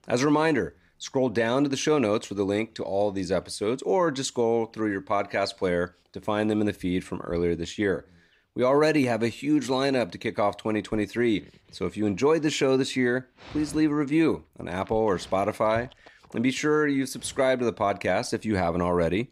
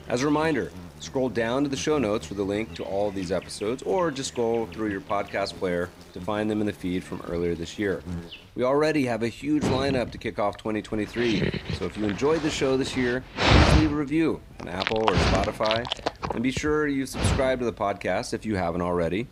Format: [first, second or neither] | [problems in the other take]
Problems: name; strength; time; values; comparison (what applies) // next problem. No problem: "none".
first | animal sounds; loud; throughout; 1 dB below the speech; faint in the first